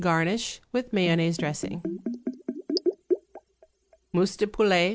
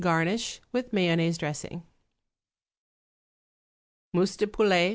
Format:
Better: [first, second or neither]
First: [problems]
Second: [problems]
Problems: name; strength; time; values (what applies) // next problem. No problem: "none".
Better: second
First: background sound (Bathtub (filling or washing)); 5 dB below the speech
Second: none